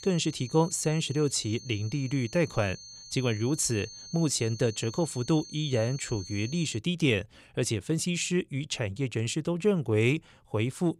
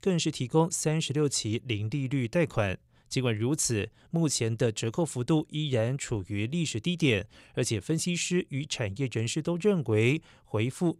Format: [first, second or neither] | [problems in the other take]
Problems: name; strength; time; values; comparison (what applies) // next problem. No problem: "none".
second | high-pitched whine; noticeable; until 7 s; 4.5 kHz, 15 dB below the speech